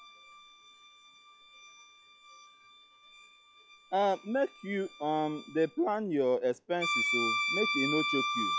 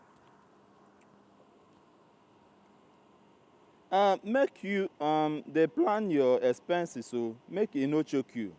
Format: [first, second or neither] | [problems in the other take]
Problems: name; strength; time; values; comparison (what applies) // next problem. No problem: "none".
second | noise reduction (classical method log-MMSE)